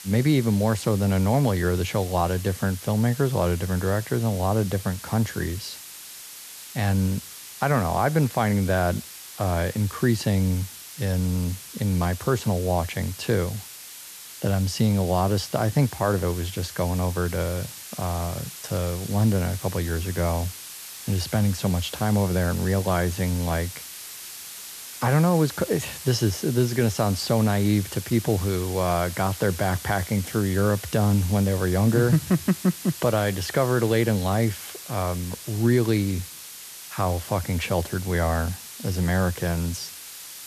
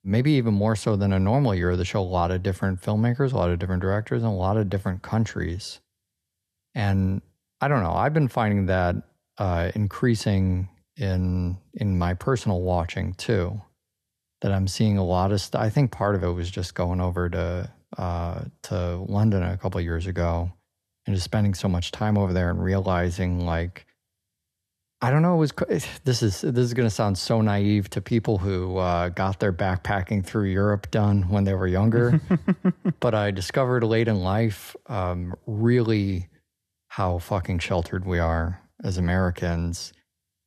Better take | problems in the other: second | hiss; noticeable; throughout; 10 dB below the speech

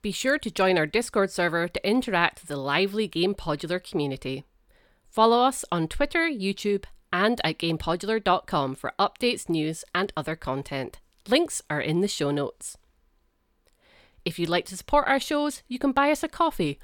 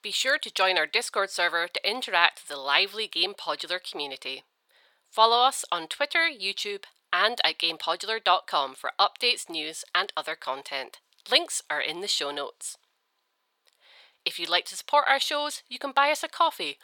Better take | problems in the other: first | thin; very; fading below 800 Hz

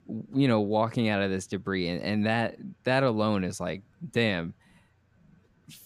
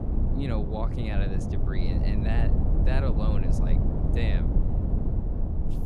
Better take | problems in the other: first | low rumble; loud; throughout; 1 dB below the speech

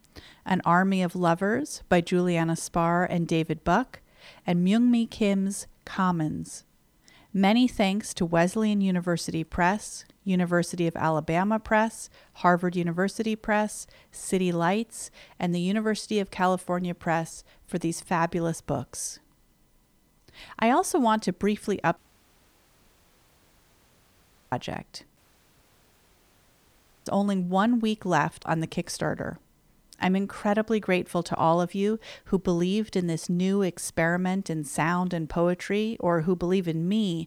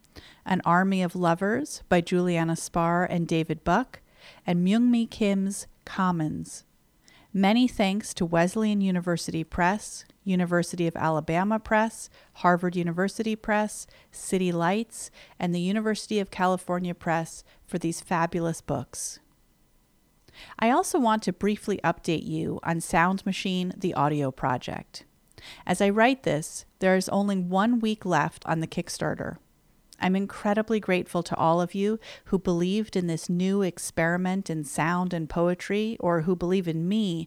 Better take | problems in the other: second | audio cutting out; at 22 s for 2.5 s and at 25 s for 2 s

